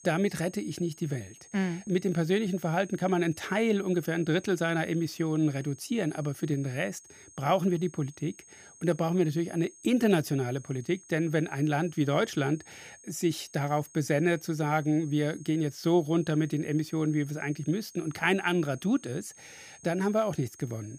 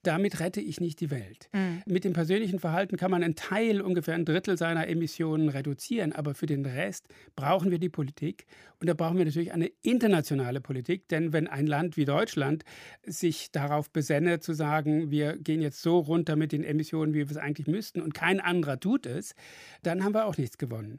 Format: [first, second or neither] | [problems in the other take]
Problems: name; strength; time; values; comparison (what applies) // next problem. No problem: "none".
second | high-pitched whine; faint; throughout; 6.5 kHz, 20 dB below the speech